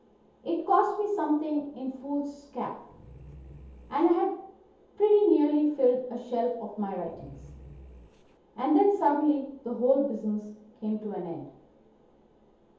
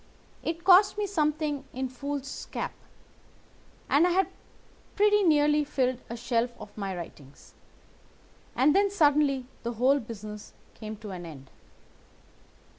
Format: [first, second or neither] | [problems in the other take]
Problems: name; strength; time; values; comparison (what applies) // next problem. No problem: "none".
second | background sound (Growling); 20 dB below the speech // room echo; dies away in 0.7 s